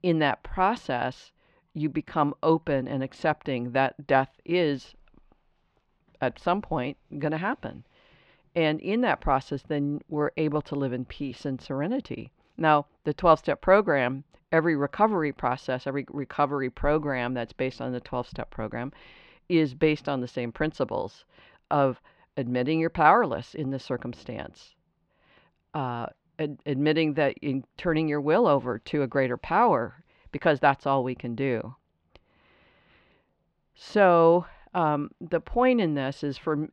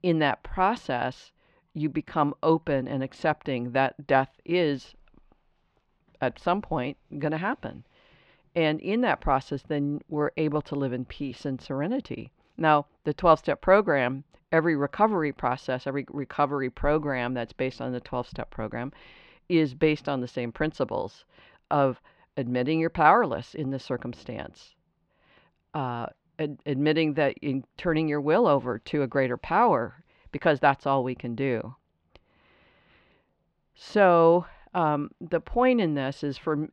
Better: neither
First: muffled; slightly; fading above 3.5 kHz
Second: muffled; slightly; fading above 3.5 kHz

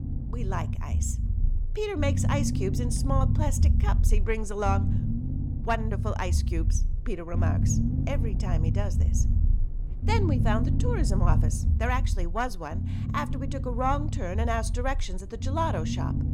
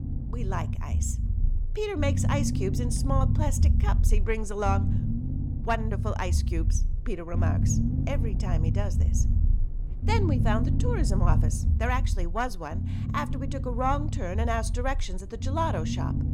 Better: neither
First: low rumble; loud; throughout; 8 dB below the speech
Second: low rumble; loud; throughout; 8 dB below the speech

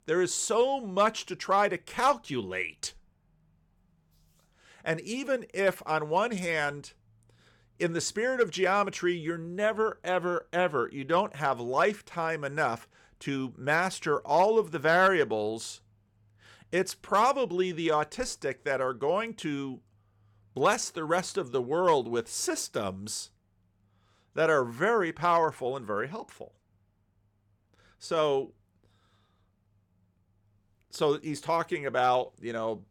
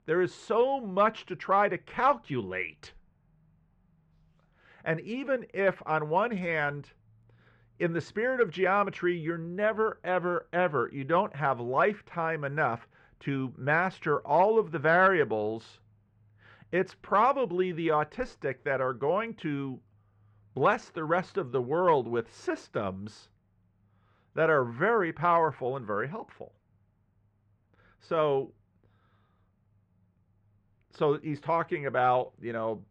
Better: first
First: none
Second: muffled; very; fading above 2 kHz

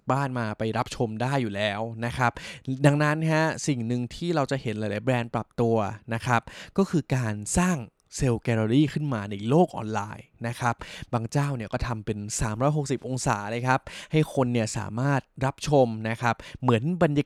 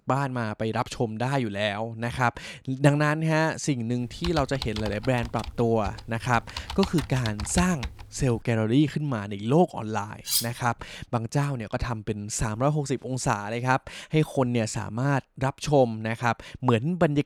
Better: first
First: none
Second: keyboard typing; noticeable; from 4 to 8.5 s; peak 7 dB below the speech // clattering dishes; loud; at 10 s; peak 1 dB above the speech

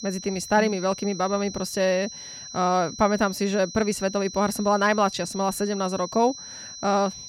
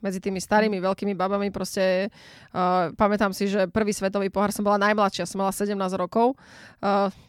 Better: second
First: high-pitched whine; noticeable; throughout; 6 kHz, 10 dB below the speech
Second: none

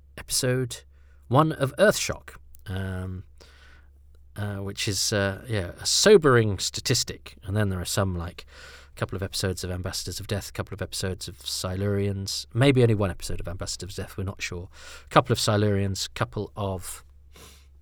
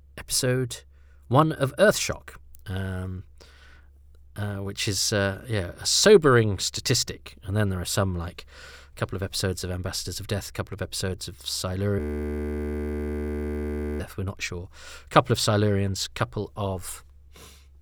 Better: first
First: none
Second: audio freezing; at 12 s for 2 s

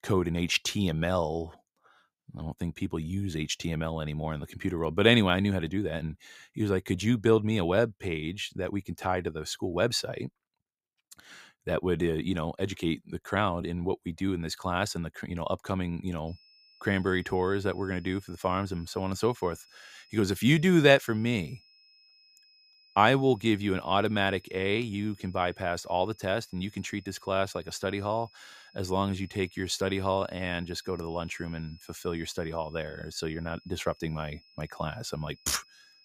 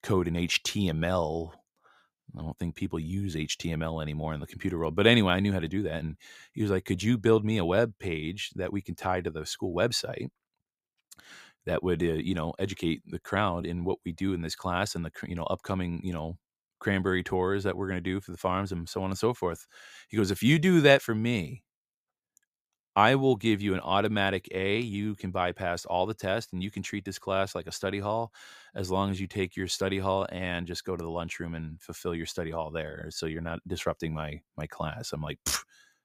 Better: second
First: high-pitched whine; faint; from 16 s on; 5 kHz, 30 dB below the speech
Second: none

